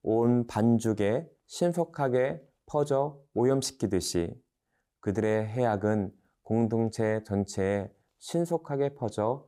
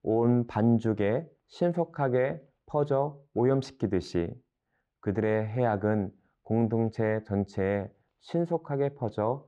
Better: first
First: none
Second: muffled; slightly; fading above 2.5 kHz

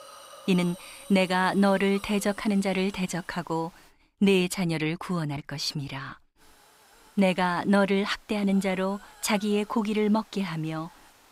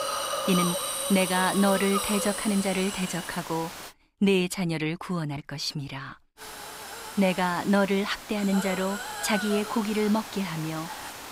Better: first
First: hiss; faint; until 4 s and from 6.5 s on; 25 dB below the speech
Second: hiss; loud; until 4 s and from 6.5 s on; 5 dB below the speech

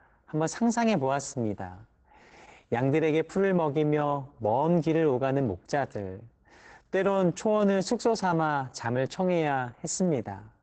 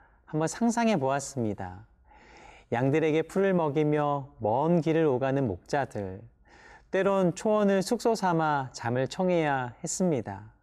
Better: second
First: garbled, watery; badly; nothing above 8 kHz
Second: none

